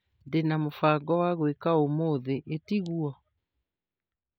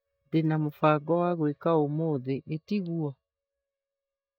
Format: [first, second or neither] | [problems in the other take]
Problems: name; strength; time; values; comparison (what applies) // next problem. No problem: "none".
first | noise reduction (neural mask model DeepFilterNet 3)